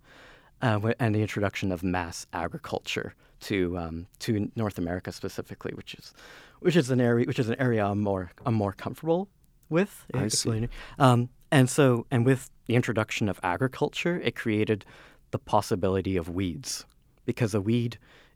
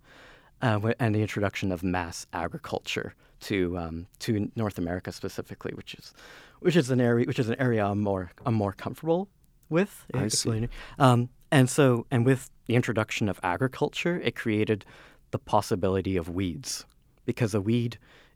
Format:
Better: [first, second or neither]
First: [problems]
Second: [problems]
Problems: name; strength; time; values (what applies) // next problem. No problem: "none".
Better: neither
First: none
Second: none